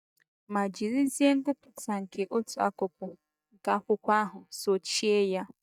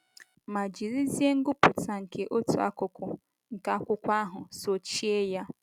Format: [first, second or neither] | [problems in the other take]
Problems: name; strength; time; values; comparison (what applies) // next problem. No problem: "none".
second | noise reduction (neural mask model DeepFilterNet 3)